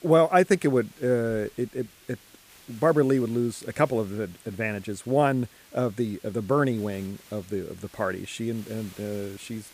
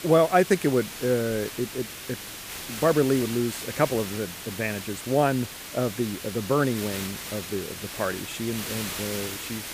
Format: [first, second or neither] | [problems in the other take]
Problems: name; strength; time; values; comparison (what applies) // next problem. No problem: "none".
first | hiss; loud; throughout; 8 dB below the speech; faint in the first